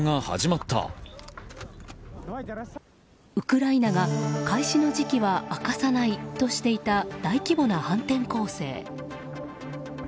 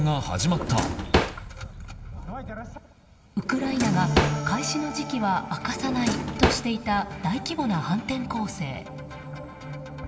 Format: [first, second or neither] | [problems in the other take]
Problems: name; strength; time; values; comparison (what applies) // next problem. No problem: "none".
first | background sound (Drawer open or close); as loud as the speech // room echo; dies away in 2.4 s